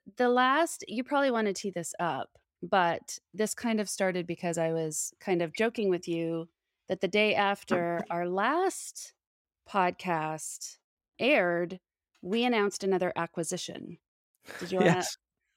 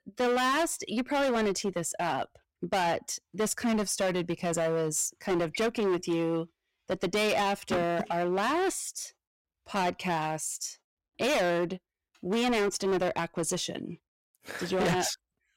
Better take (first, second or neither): first